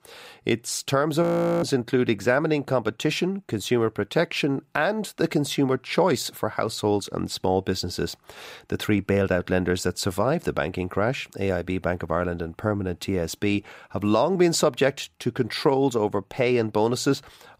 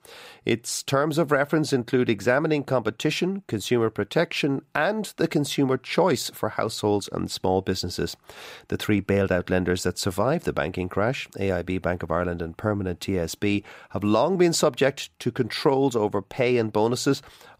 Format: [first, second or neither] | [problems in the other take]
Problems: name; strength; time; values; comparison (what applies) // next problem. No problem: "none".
second | audio freezing; at 1 s